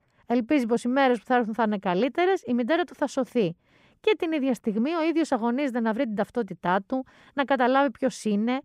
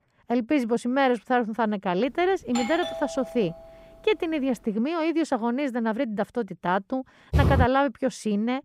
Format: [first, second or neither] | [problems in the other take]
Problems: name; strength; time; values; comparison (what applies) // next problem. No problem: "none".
first | doorbell; noticeable; from 2.5 to 4 s; peak 6 dB below the speech // footsteps; loud; at 7.5 s; peak 3 dB above the speech